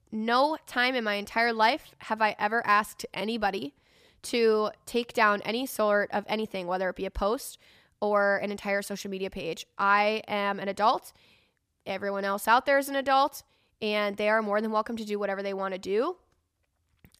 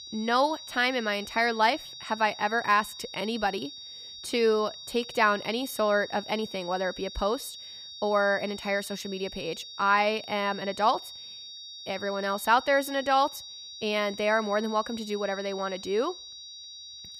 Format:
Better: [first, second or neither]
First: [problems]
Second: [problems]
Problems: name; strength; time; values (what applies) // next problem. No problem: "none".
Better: first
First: none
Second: high-pitched whine; noticeable; throughout; 4 kHz, 15 dB below the speech